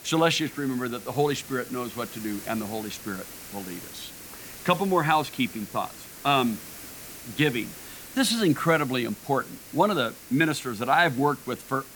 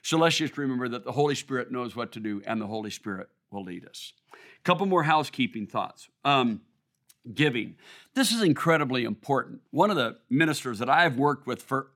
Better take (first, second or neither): second